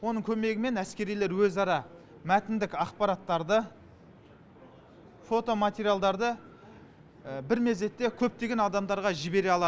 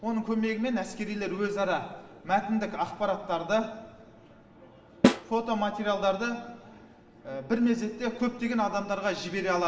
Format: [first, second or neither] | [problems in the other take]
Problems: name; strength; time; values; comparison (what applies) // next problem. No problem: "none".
first | background sound (Snare drum); 2 dB above the speech // room echo; dies away in 2.4 s